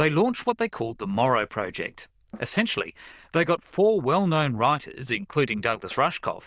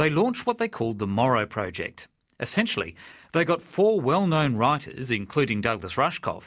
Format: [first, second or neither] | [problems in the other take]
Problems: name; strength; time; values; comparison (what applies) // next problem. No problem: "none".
second | noise reduction (neural diffusion model UNIVERSE++)